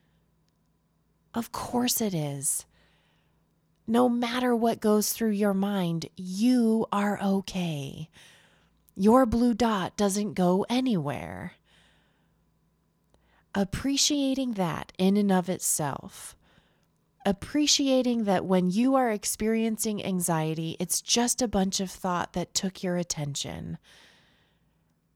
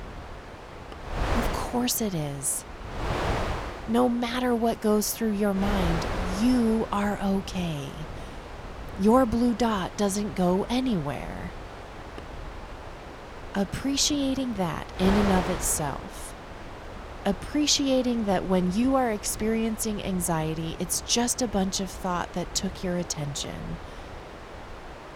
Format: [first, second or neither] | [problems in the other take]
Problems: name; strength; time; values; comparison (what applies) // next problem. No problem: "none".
first | wind noise on the microphone; heavy; 9 dB below the speech